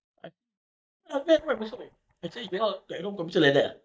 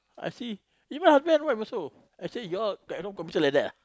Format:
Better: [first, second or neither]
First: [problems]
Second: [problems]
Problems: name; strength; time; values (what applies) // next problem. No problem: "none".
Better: second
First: noise reduction (neural mask model DeepFilterNet 3)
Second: none